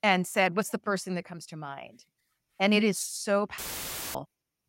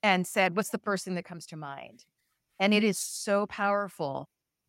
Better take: second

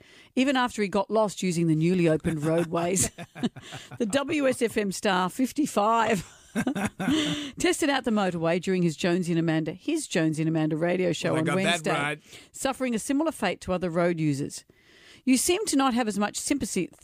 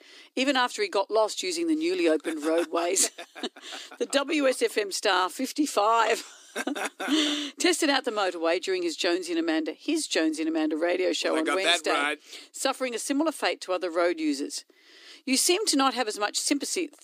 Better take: first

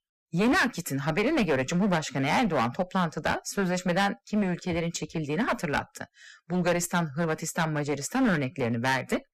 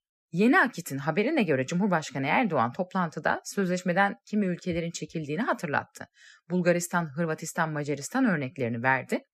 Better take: second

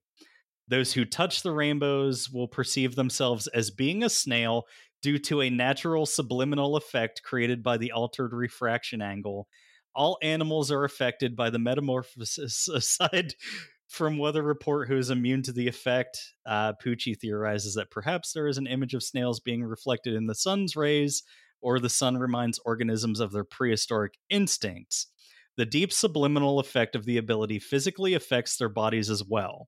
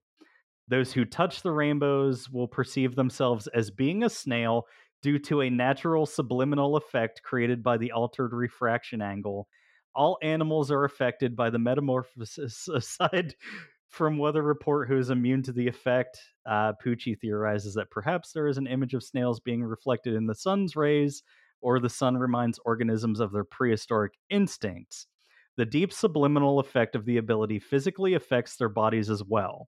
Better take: first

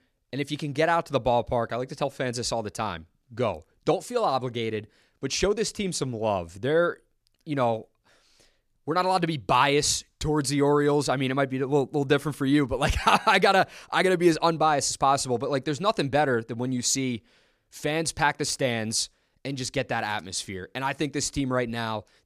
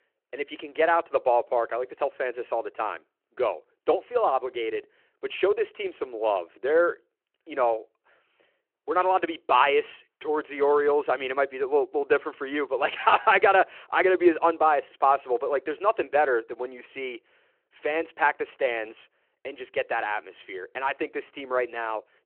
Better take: first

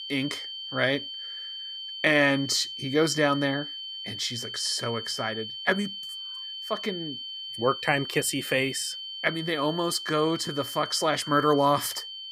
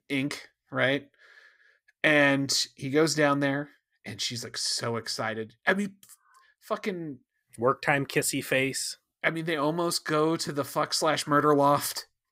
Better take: second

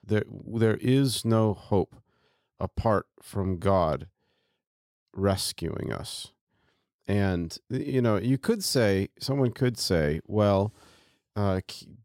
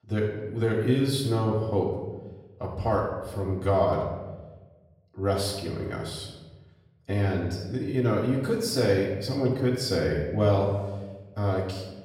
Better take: first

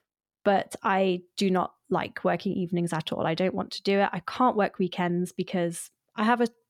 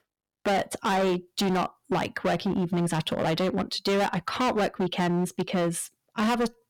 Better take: first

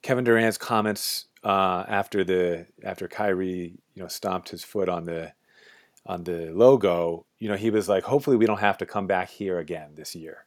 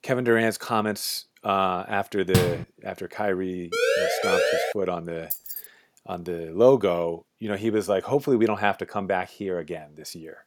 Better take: first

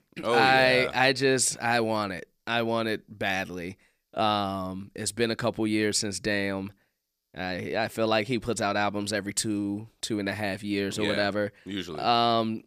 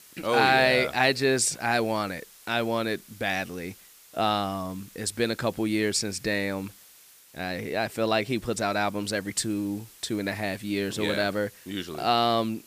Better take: first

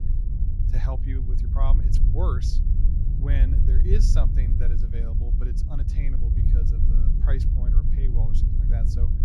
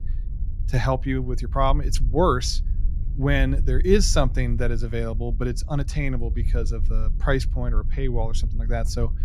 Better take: second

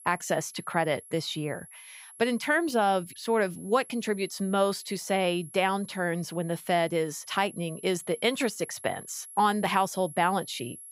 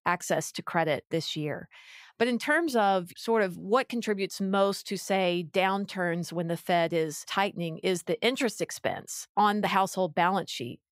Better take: second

